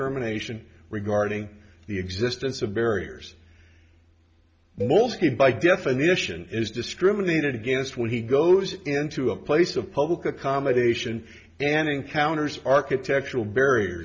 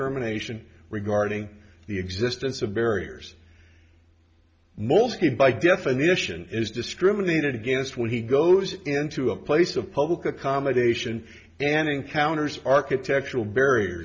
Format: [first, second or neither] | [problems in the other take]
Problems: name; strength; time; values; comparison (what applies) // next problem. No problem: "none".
second | background sound (Cowbell); 14 dB below the speech